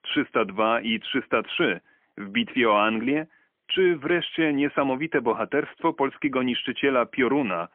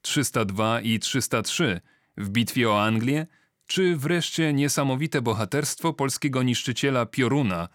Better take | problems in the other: second | phone-call audio; poor line; nothing above 3.5 kHz

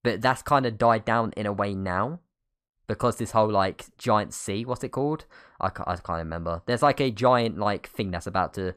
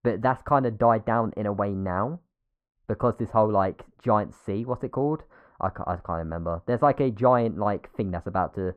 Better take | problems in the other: first | muffled; very; fading above 2.5 kHz

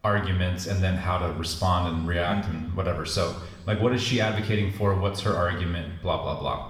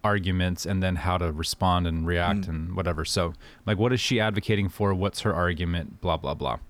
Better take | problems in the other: second | room echo; noticeable; dies away in 1 s // off-mic speech; somewhat distant

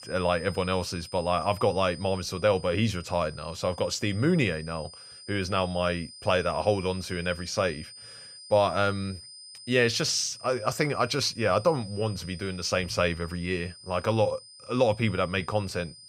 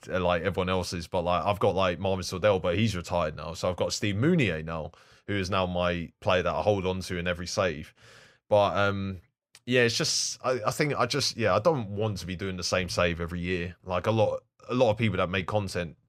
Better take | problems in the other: second | high-pitched whine; noticeable; throughout; 5 kHz, 15 dB below the speech

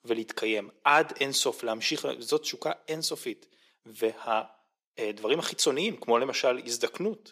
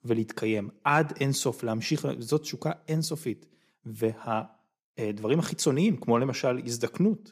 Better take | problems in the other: second | thin; somewhat; fading below 500 Hz

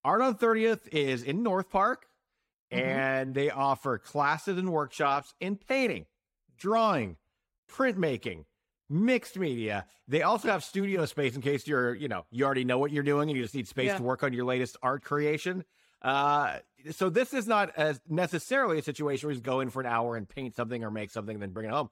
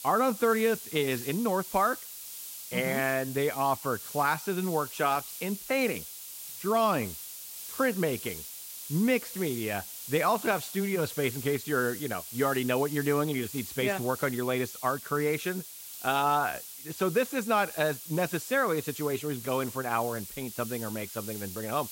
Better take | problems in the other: first | hiss; loud; throughout; 10 dB below the speech

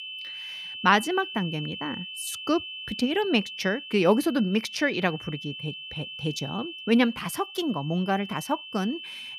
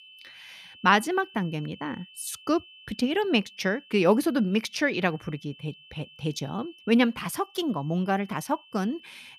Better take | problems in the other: second | high-pitched whine; loud; throughout; 3 kHz, 10 dB below the speech; faint in the second

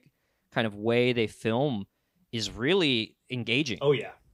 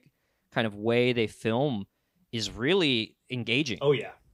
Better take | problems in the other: neither | none

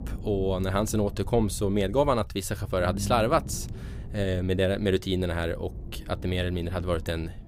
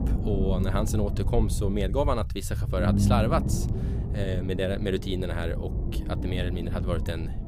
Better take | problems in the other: first | low rumble; loud; throughout; 8 dB below the speech; faint in the first

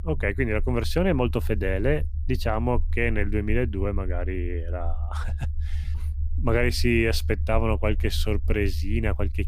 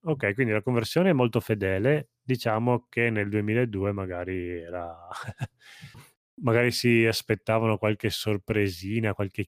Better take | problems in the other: second | low rumble; faint; throughout; 20 dB below the speech

